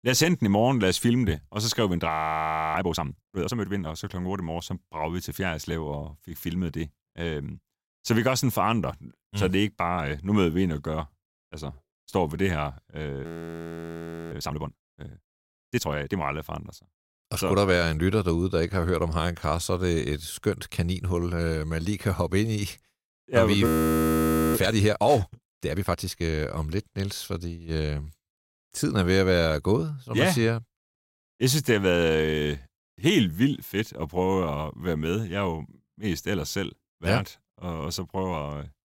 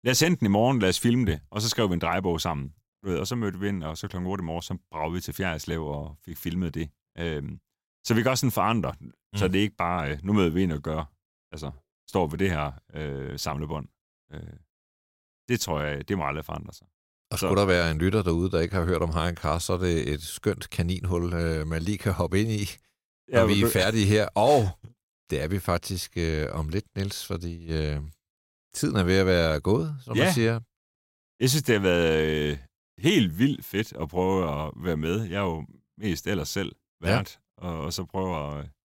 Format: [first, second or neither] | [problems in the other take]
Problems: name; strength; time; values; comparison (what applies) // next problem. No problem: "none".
second | audio freezing; at 2 s for 0.5 s, at 13 s for 1 s and at 24 s for 1 s